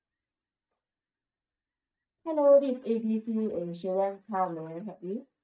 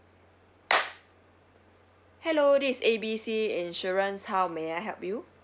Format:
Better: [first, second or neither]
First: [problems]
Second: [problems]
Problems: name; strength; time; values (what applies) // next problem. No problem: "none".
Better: second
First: noise reduction (neural mask model DeepFilterNet 3)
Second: none